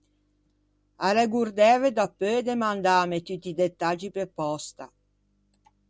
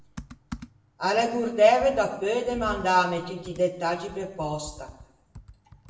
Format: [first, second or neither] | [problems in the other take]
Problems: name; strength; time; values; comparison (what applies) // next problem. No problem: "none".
first | background sound (Computer keyboard); 19 dB below the speech // room echo; dies away in 0.7 s